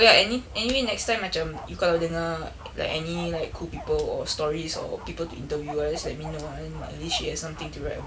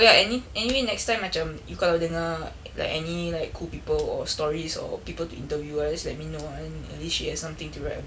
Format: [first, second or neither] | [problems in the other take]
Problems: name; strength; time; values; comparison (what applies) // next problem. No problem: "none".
second | background sound (Bark); 18 dB below the speech